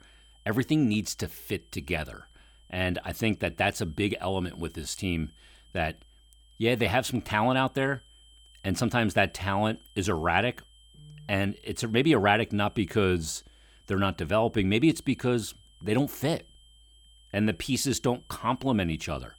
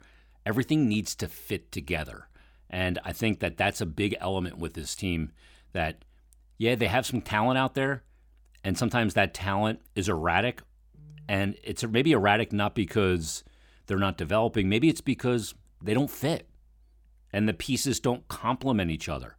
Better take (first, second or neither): second